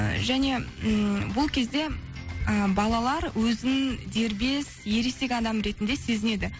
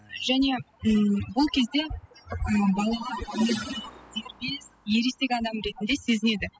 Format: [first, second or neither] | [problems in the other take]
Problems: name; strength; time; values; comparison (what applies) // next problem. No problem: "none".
first | noise reduction (classical method spectral subtraction)